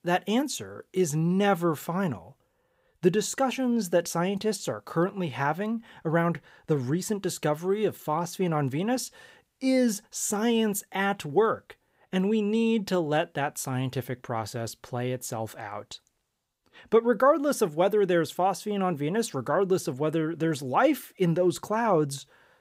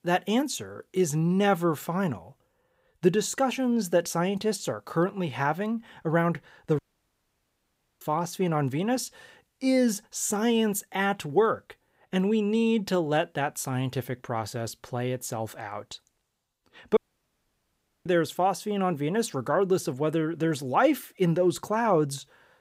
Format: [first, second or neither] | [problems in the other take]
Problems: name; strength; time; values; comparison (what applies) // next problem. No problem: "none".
first | audio cutting out; at 7 s for 1 s and at 17 s for 1 s